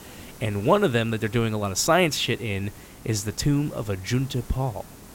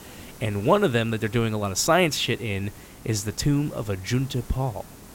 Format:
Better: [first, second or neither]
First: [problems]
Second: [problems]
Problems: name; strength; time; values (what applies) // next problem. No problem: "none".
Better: neither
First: hiss; faint; throughout; 20 dB below the speech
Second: hiss; faint; throughout; 20 dB below the speech